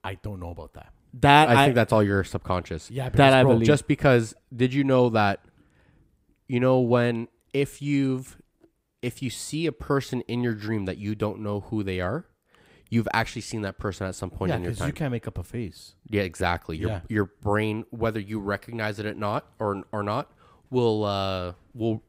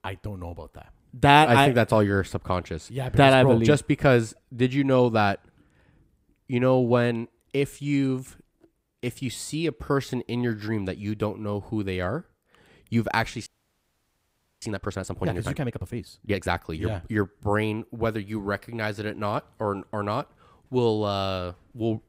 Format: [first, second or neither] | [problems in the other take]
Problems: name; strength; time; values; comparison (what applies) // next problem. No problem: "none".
first | audio freezing; at 13 s for 1 s